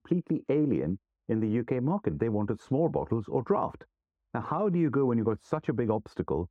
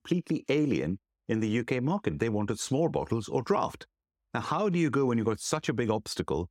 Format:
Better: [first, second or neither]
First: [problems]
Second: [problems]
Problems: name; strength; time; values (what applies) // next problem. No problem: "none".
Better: second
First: muffled; very; fading above 2.5 kHz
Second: none